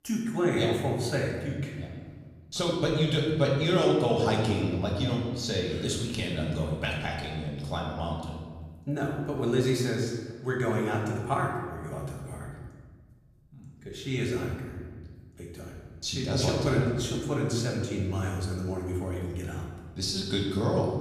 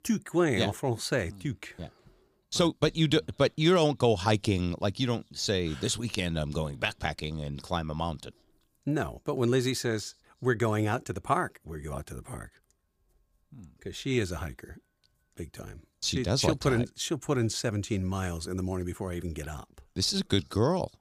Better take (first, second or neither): second